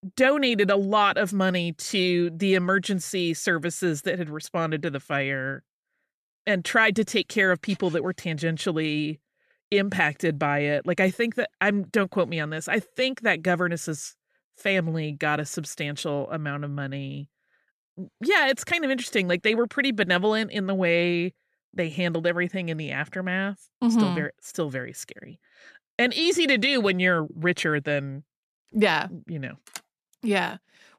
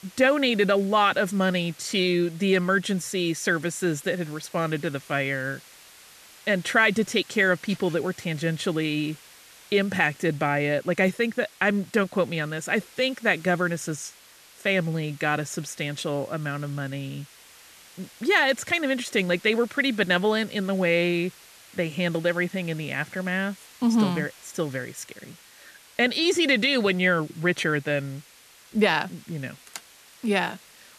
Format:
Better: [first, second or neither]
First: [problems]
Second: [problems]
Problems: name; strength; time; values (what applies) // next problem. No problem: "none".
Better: first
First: none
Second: hiss; faint; throughout; 25 dB below the speech